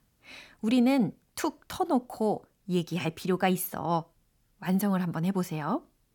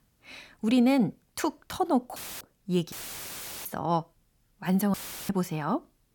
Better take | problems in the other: first | audio cutting out; filled with static; at 2 s, at 3 s for 0.5 s and at 5 s

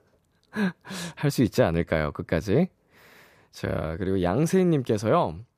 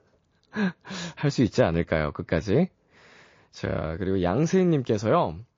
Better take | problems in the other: first | garbled, watery; slightly; nothing above 6 kHz

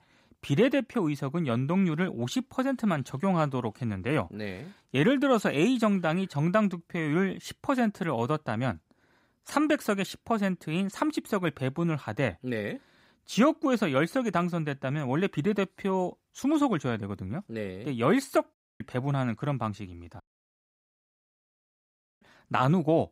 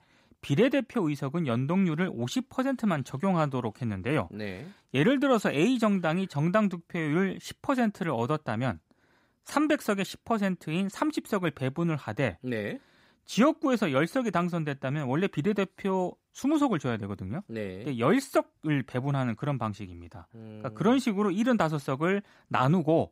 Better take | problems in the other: second | audio cutting out; at 19 s and at 20 s for 2 s

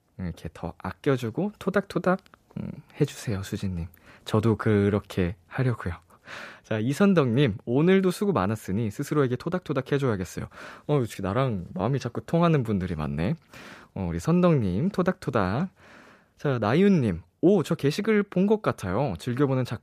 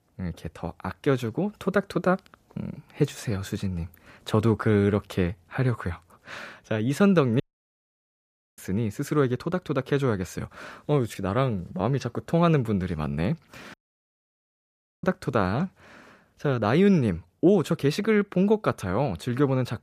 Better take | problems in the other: first | audio cutting out; at 7.5 s for 1 s and at 14 s for 1.5 s

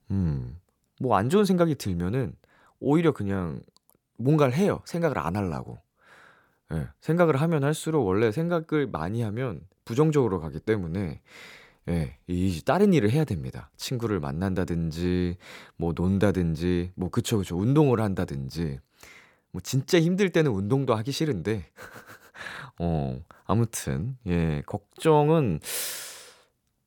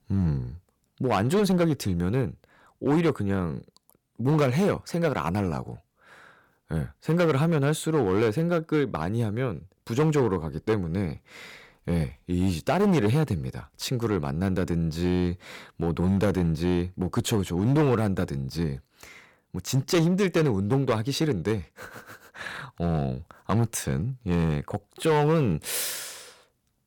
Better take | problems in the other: first | distortion; slight; 6% of the sound clipped

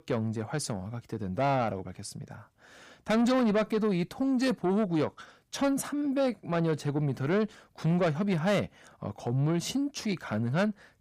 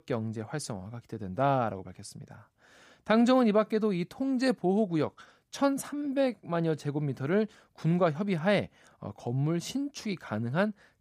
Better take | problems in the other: second | distortion; slight; 10 dB below the speech

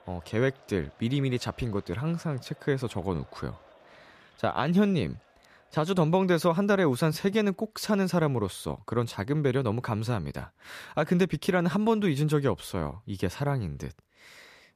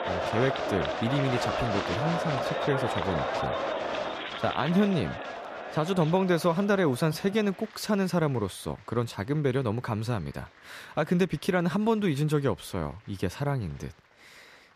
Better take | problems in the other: first | crowd noise; loud; throughout; 4 dB below the speech; faint in the first

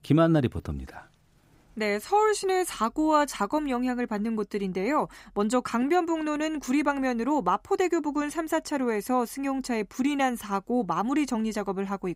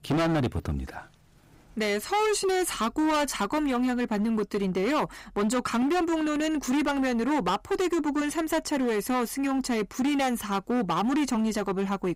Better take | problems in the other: first | distortion; heavy; 20% of the sound clipped

